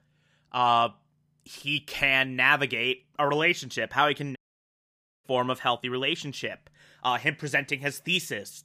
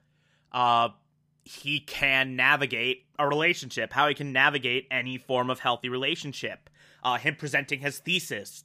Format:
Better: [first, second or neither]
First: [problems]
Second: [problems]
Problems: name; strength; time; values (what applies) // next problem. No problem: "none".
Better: second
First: audio cutting out; at 4.5 s for 1 s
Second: none